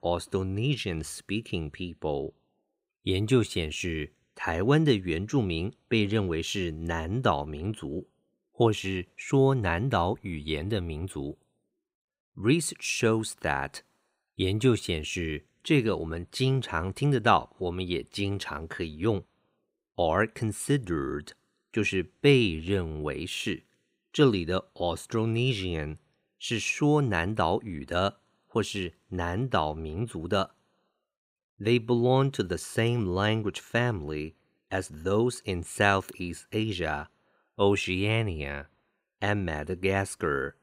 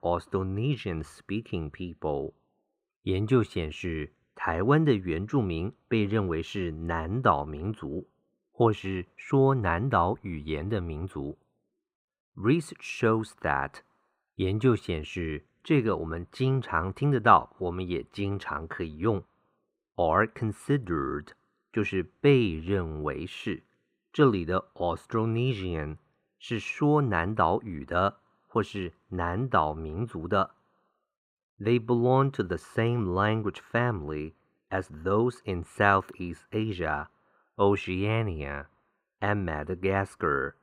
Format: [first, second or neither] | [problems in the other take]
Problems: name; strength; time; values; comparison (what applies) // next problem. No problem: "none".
first | muffled; slightly; fading above 3 kHz